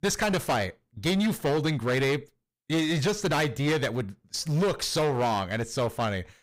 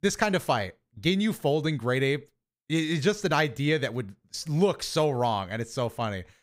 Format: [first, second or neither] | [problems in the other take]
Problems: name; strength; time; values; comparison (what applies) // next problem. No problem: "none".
second | distortion; heavy; 16% of the sound clipped